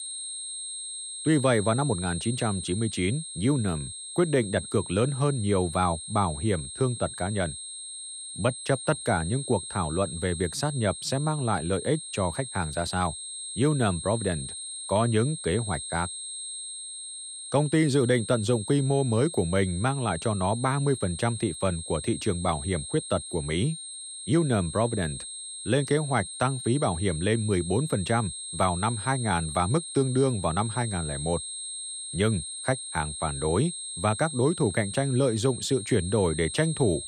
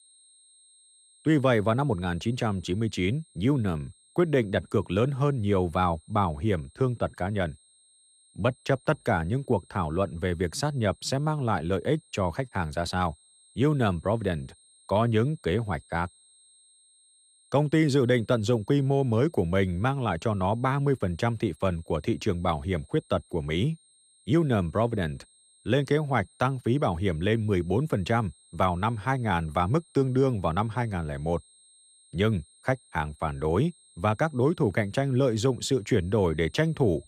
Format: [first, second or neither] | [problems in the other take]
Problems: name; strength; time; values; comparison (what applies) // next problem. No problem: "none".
second | high-pitched whine; loud; throughout; 8.5 kHz, 8 dB below the speech; faint in the second